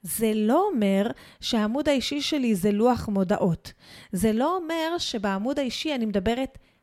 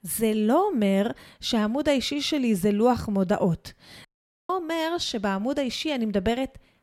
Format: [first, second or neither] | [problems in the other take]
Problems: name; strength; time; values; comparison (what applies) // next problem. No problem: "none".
first | audio cutting out; at 4 s